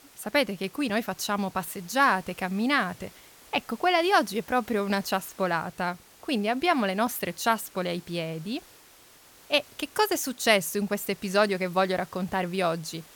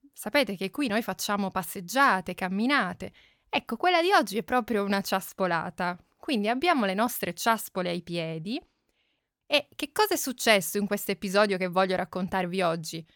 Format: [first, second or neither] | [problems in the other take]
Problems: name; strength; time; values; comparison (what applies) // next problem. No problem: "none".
second | hiss; faint; throughout; 25 dB below the speech